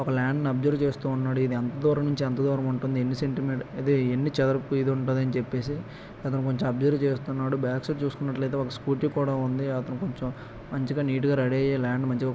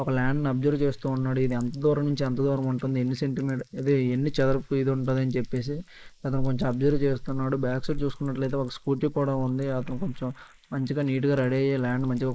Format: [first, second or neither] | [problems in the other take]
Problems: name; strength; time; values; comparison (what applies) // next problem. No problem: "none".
first | noise reduction (neural mask model Resemble Enhance denoiser)